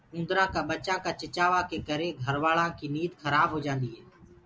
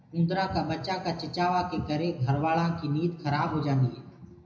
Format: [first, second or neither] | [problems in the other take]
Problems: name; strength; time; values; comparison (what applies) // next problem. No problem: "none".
first | room echo; dies away in 0.8 s